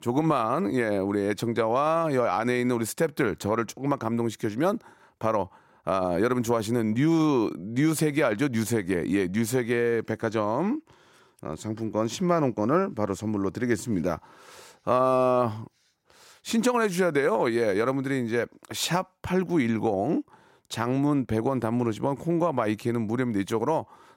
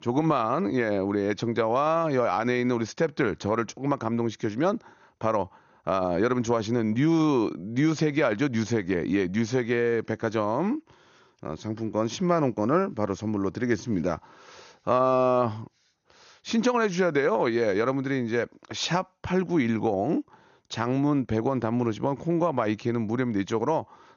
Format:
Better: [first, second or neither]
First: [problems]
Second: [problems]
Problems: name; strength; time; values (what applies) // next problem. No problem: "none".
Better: first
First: none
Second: garbled, watery; slightly; nothing above 6.5 kHz